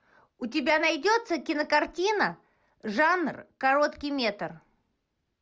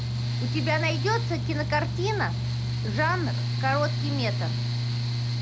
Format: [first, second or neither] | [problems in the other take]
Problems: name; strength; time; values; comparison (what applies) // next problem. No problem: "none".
first | background sound (Mechanical fan); 3 dB above the speech